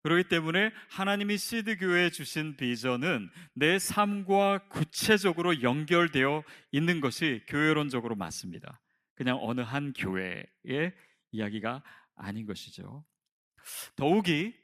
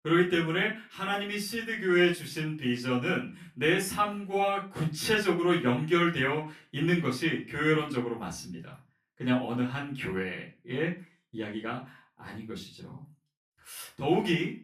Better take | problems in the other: first | off-mic speech; far // room echo; very slight; dies away in 0.2 s

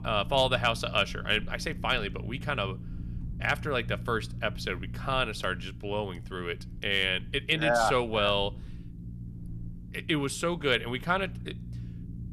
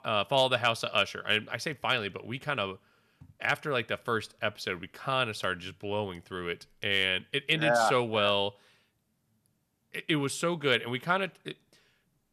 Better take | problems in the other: second | low rumble; faint; throughout; 25 dB below the speech

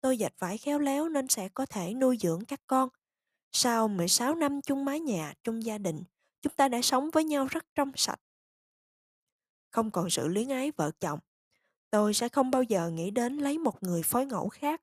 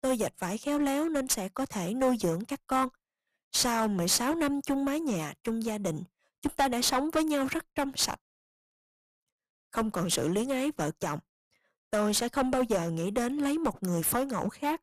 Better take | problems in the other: first | distortion; heavy; 7% of the sound clipped

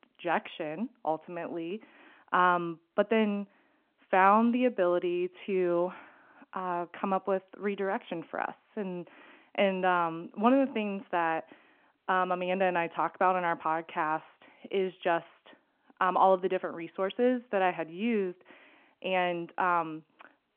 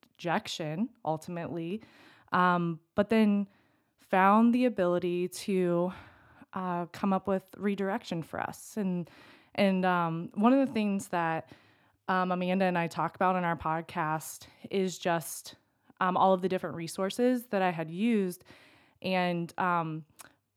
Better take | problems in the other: second | phone-call audio

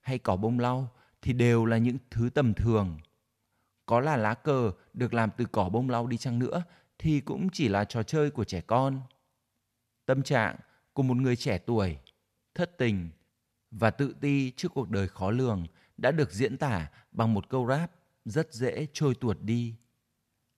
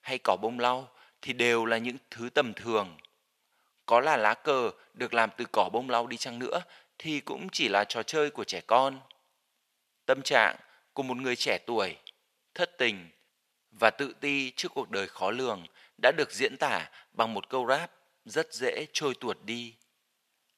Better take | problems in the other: first | thin; very; fading below 500 Hz

